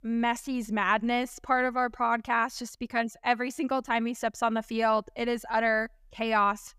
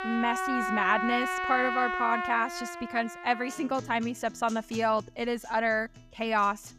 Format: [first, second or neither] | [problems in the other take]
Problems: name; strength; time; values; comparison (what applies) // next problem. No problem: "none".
first | background music; loud; throughout; 3 dB below the speech